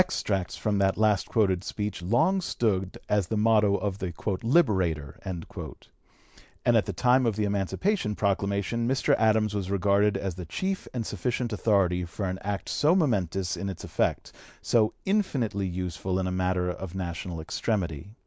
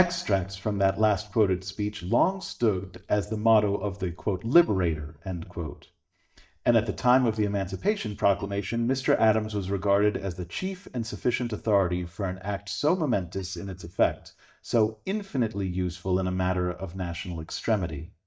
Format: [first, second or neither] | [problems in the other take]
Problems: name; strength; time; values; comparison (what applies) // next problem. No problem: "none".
first | noise reduction (neural mask model DeepFilterNet 3)